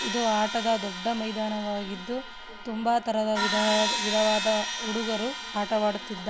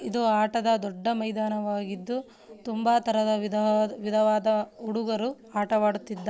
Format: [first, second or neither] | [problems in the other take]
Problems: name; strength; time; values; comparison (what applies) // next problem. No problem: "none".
second | background sound (Crash cymbal); 5 dB below the speech